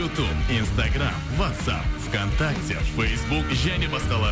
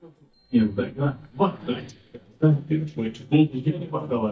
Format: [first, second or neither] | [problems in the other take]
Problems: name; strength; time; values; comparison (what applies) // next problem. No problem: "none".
first | noise reduction (neural mask model DeepFilterNet 3)